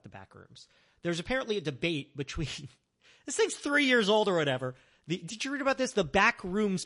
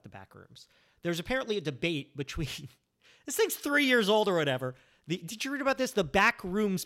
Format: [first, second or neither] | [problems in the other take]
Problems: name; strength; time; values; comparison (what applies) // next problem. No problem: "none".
second | garbled, watery; slightly; nothing above 10.5 kHz